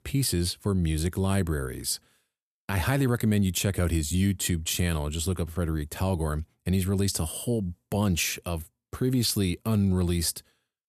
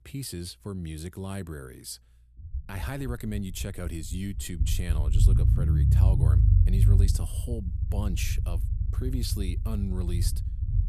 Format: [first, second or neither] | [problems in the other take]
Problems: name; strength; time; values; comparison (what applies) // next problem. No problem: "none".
first | low rumble; loud; throughout; 2 dB below the speech